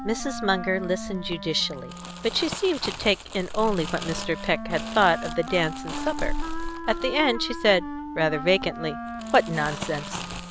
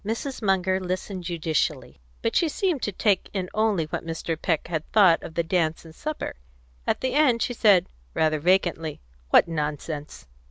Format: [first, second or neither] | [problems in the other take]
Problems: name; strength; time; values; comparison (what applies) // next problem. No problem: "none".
second | background sound (Wind instrument, woodwind instrument + Crumpling, crinkling); 7 dB below the speech